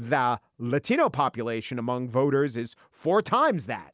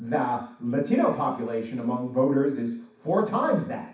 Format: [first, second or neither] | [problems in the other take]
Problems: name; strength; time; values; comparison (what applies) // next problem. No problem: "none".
first | room echo; dies away in 0.6 s